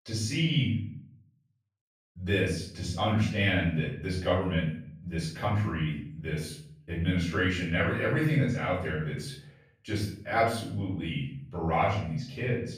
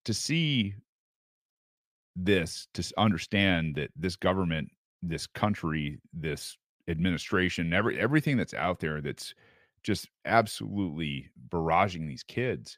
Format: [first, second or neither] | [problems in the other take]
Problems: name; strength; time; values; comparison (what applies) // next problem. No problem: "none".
second | off-mic speech; far // room echo; noticeable; dies away in 0.5 s